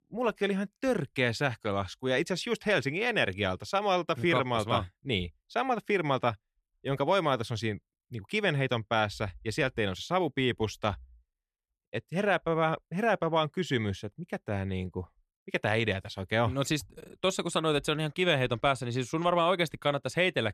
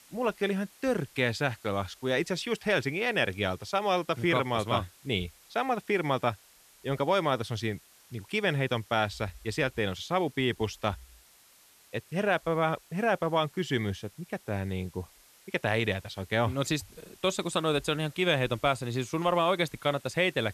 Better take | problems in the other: first | hiss; faint; throughout; 25 dB below the speech

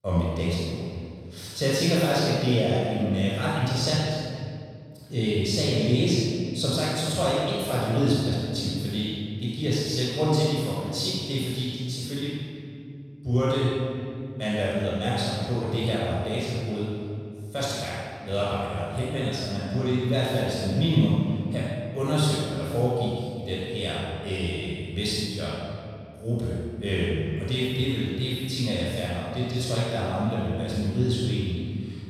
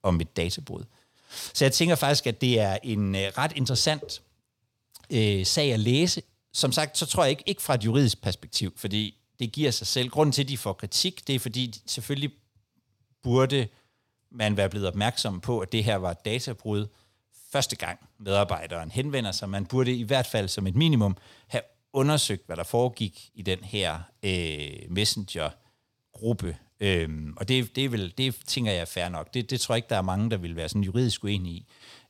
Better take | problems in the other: second | off-mic speech; far // room echo; strong; dies away in 2.3 s

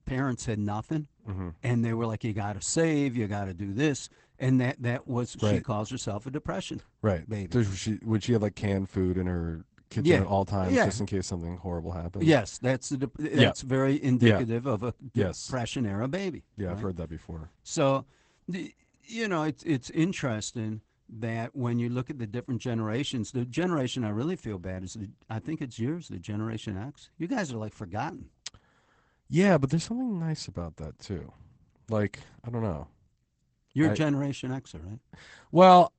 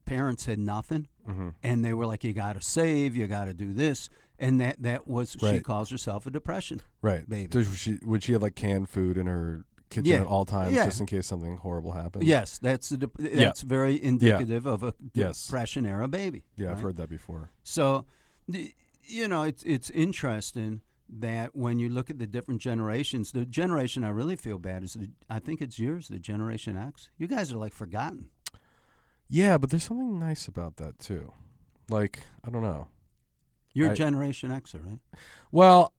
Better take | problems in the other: second | garbled, watery; badly; nothing above 8 kHz; slightly in the second

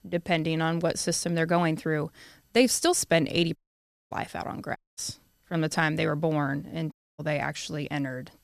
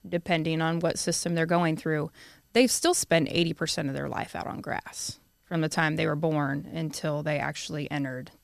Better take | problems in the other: second | audio cutting out; at 3.5 s for 0.5 s, at 5 s and at 7 s

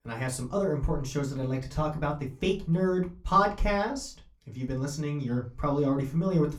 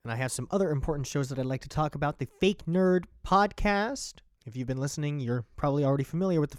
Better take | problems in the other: second | off-mic speech; far // room echo; very slight; dies away in 0.2 s

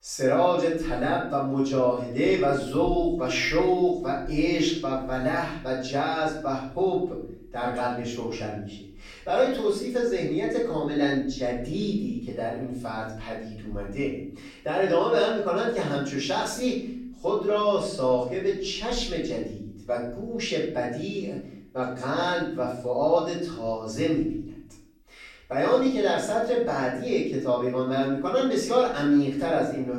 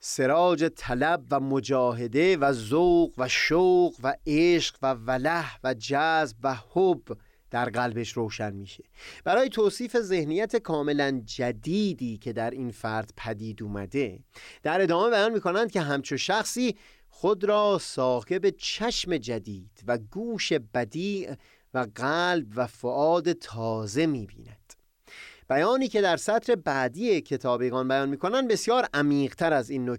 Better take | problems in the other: second | off-mic speech; far // room echo; noticeable; dies away in 0.6 s

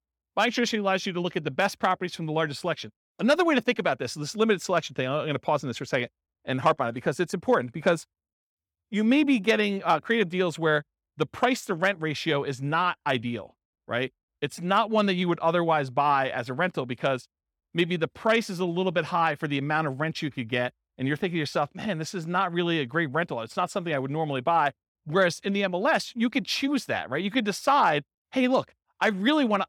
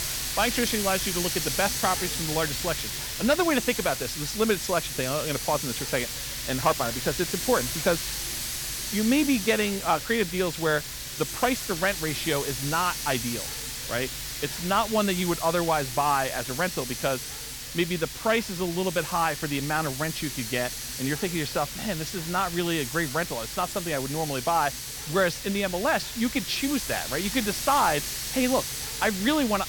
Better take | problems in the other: first | hiss; loud; throughout; 4 dB below the speech

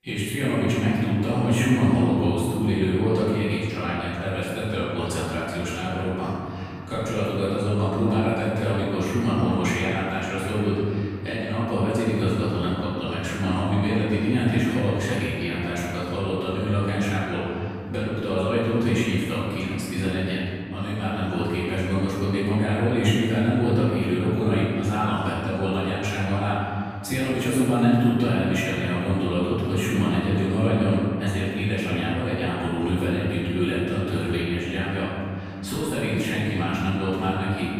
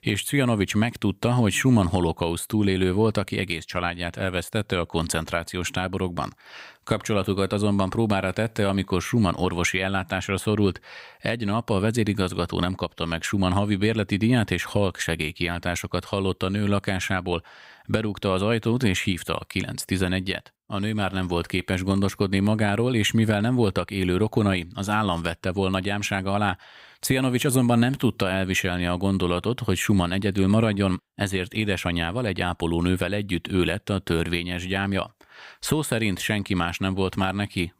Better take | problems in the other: second | room echo; strong; dies away in 2.6 s // off-mic speech; far

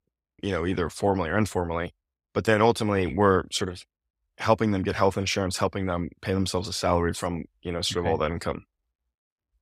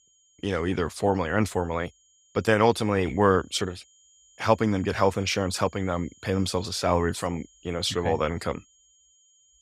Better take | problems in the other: first | high-pitched whine; faint; throughout; 7 kHz, 30 dB below the speech

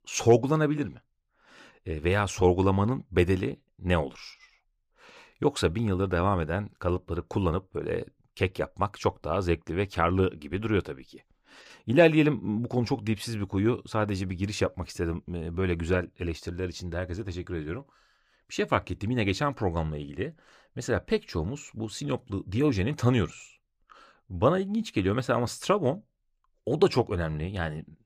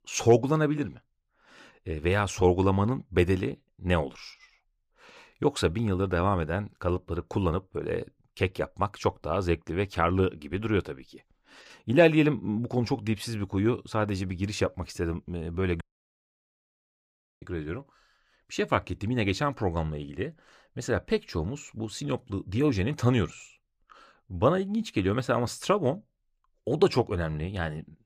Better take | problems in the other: first | audio cutting out; at 16 s for 1.5 s

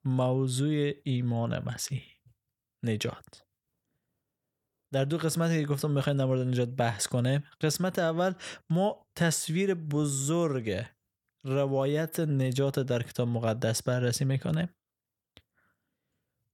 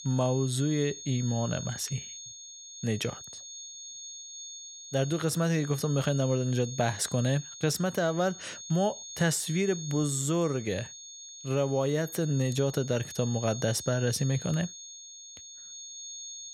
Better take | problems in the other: first | high-pitched whine; noticeable; throughout; 6.5 kHz, 10 dB below the speech

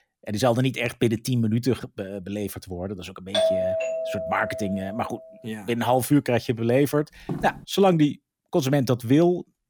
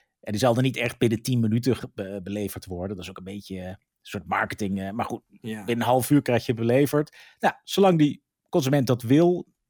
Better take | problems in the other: second | doorbell; loud; from 3.5 to 5 s; peak 2 dB above the speech // footsteps; noticeable; at 7.5 s; peak 10 dB below the speech

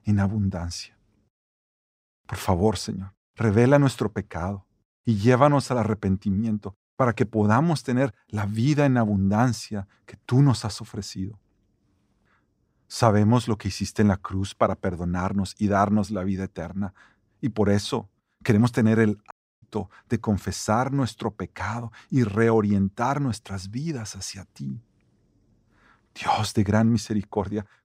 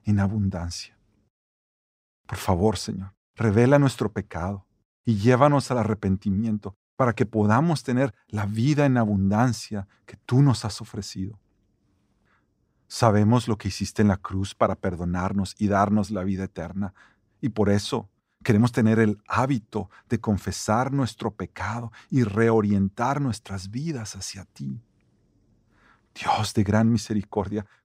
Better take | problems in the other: second | audio cutting out; at 19 s

